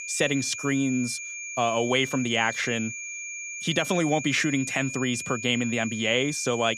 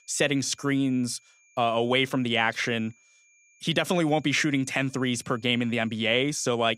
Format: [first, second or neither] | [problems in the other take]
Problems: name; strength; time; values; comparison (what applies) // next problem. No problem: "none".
second | high-pitched whine; loud; throughout; 2.5 kHz, 8 dB below the speech; faint in the second